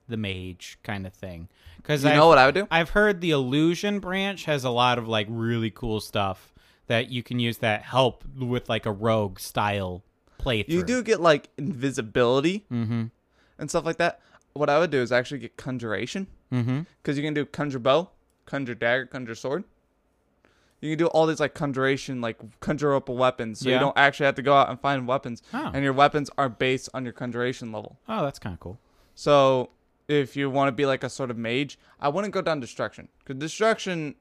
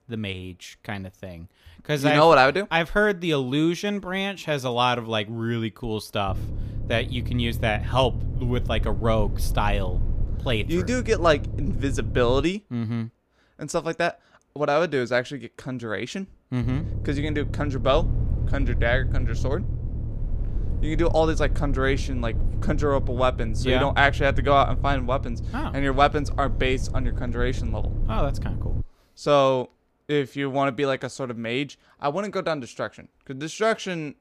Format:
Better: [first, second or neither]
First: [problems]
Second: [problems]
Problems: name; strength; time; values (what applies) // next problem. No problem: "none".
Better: first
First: none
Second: low rumble; noticeable; from 6.5 to 12 s and from 17 to 29 s; 20 dB below the speech